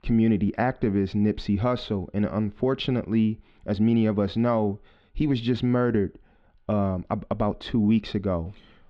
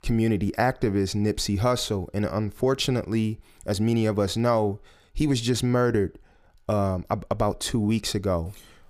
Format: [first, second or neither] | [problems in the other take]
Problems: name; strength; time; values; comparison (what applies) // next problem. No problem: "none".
second | muffled; slightly; fading above 3.5 kHz